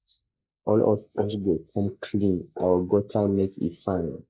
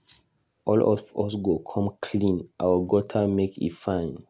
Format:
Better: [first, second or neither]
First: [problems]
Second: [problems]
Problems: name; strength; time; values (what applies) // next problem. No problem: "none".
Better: second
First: noise reduction (neural mask model Resemble Enhance denoiser)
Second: none